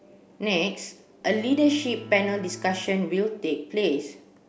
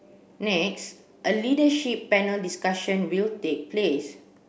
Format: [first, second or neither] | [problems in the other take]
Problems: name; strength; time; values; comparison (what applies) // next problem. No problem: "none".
second | background sound (Bowed string instrument); 18 dB below the speech